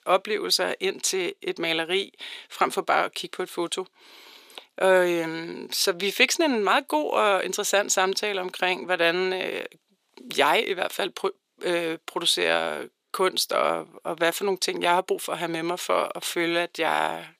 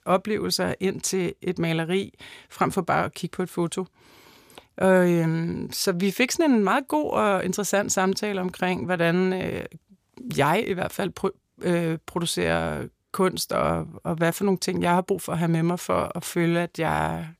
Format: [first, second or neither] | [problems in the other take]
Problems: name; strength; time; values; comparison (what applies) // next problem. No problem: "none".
second | thin; somewhat; fading below 350 Hz